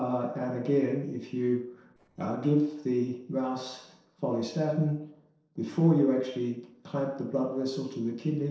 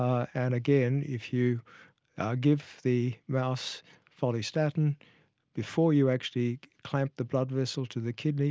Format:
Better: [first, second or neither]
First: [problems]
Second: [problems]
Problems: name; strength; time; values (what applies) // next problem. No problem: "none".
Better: second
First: noise reduction (neural separator model SepFormer DNS4)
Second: none